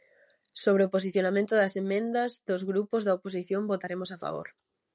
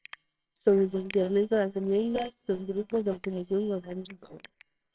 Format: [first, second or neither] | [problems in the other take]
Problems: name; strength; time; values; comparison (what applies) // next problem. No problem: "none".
first | noise reduction (neural separator model SepFormer WHAMR!)